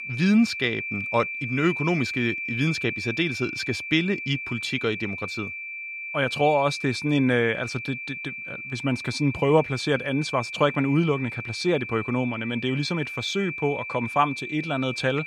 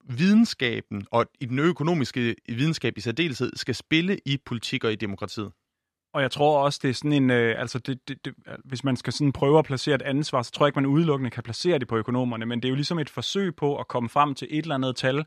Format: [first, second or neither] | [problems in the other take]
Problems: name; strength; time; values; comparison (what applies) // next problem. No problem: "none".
second | high-pitched whine; loud; throughout; 2.5 kHz, 6 dB below the speech